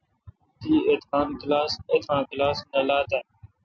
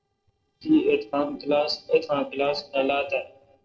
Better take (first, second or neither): first